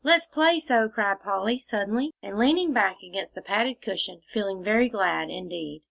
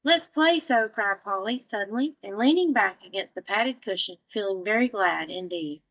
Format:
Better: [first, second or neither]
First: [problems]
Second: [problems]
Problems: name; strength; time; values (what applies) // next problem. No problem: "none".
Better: first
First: none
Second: noise reduction (neural mask model DeepFilterNet 3)